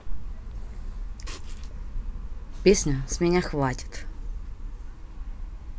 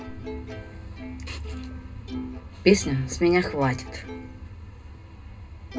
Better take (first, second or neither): first